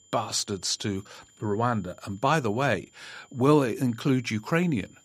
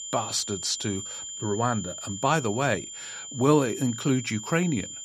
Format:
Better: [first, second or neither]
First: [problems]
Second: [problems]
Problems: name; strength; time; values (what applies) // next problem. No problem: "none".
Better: first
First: high-pitched whine; faint; throughout; 7 kHz, 30 dB below the speech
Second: high-pitched whine; loud; throughout; 7 kHz, 9 dB below the speech